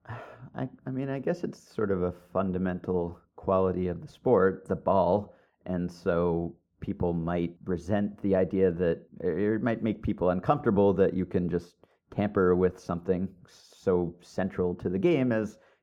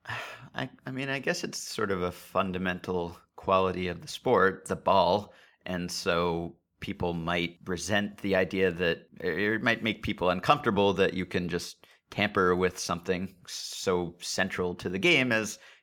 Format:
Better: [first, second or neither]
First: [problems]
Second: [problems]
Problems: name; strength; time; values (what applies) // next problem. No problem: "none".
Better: second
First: muffled; very; fading above 1 kHz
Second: none